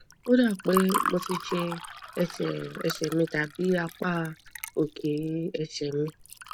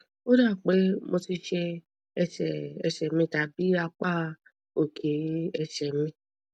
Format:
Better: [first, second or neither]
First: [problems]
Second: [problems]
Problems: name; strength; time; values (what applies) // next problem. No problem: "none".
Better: second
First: background sound (Fill (with liquid) / Water); 9 dB below the speech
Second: none